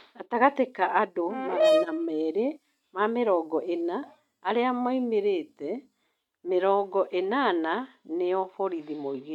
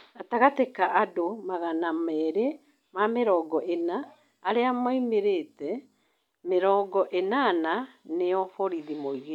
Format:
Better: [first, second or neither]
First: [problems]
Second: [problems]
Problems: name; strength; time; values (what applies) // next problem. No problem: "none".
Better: second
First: noise reduction (neural mask model RNNoise)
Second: none